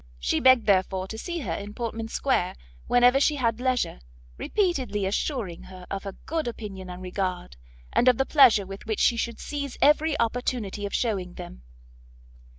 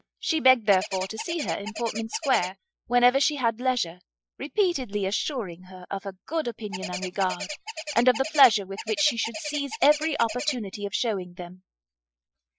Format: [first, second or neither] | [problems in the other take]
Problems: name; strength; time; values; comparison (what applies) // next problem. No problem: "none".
first | noise reduction (classical method Wiener filter)